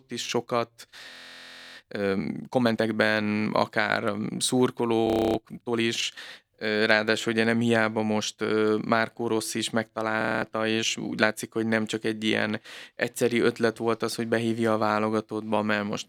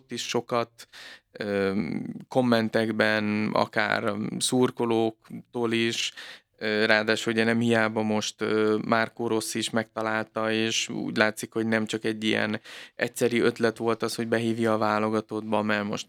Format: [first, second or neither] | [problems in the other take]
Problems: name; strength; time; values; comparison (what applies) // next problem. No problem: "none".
second | audio freezing; at 1 s for 0.5 s, at 5 s and at 10 s